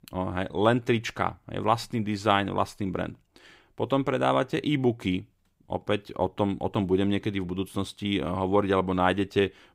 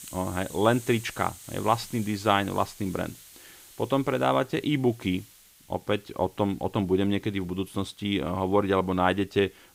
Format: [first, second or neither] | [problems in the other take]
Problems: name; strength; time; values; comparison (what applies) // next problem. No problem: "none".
first | hiss; noticeable; throughout; 20 dB below the speech